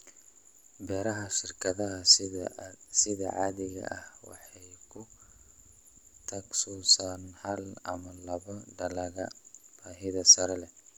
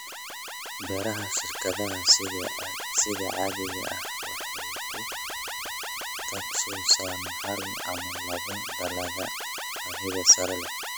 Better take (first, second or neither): first